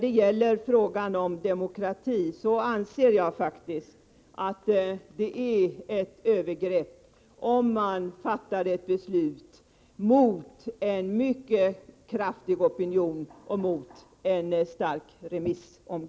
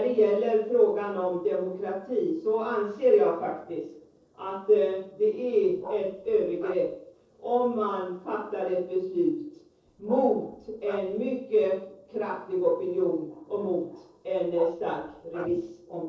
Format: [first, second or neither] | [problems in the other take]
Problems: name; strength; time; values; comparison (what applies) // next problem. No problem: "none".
first | noise reduction (neural separator model SepFormer DNS4)